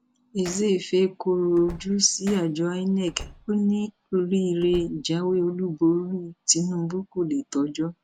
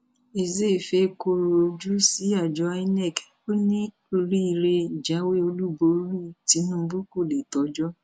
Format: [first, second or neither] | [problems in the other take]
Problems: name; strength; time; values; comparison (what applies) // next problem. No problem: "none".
second | background sound (Hammer + Slam); 19 dB below the speech